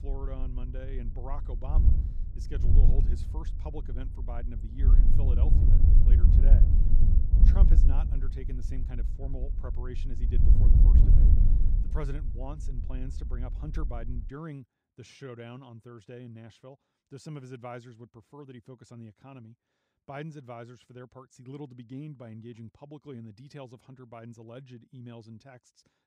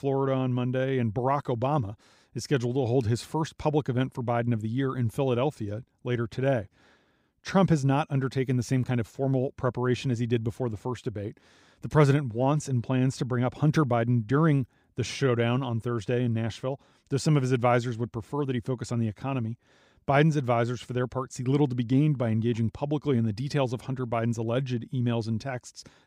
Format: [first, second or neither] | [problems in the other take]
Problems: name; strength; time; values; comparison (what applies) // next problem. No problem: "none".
second | wind noise on the microphone; heavy; until 14 s; 2 dB above the speech